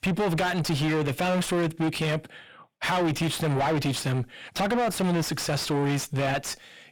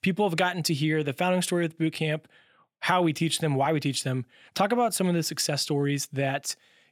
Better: second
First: distortion; heavy; 6 dB below the speech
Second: none

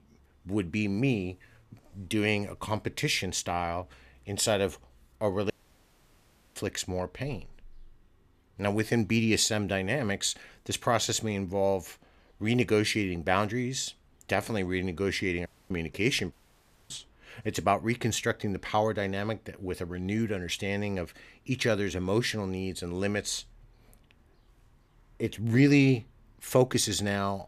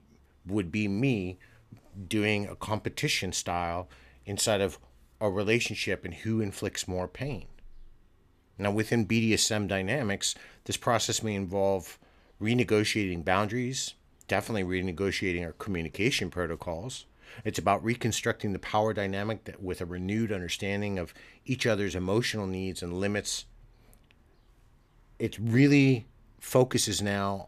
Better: second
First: audio cutting out; at 5.5 s for 1 s, at 15 s and at 16 s for 0.5 s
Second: none

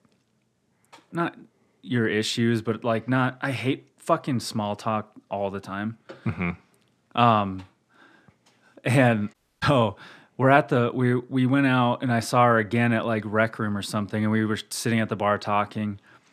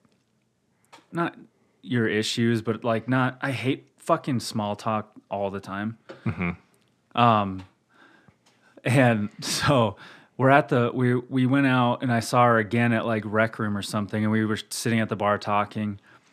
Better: second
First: audio cutting out; at 9.5 s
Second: none

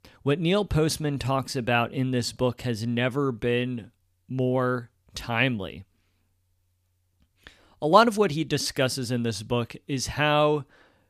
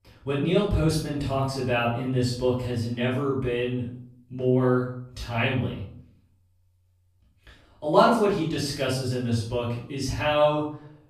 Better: first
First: none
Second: off-mic speech; far // room echo; noticeable; dies away in 0.5 s

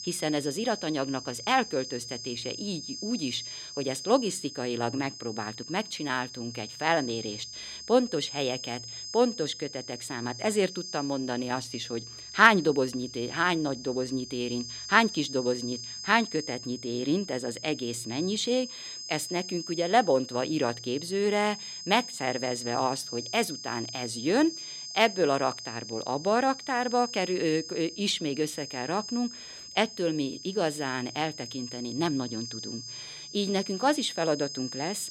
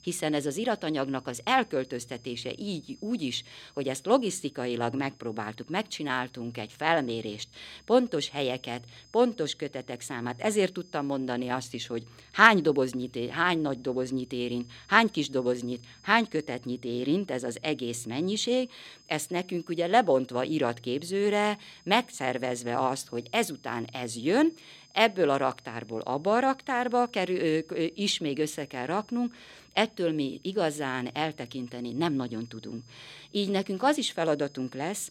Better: second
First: high-pitched whine; loud; throughout; 5 kHz, 10 dB below the speech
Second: high-pitched whine; faint; throughout; 5 kHz, 30 dB below the speech

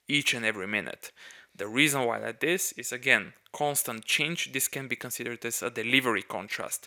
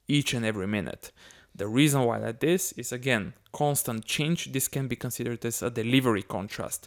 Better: second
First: thin; somewhat; fading below 1 kHz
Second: none

